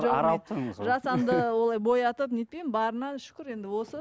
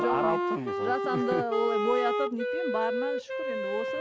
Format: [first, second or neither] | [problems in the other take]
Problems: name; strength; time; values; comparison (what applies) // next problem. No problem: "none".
first | background sound (Wind instrument, woodwind instrument); 1 dB above the speech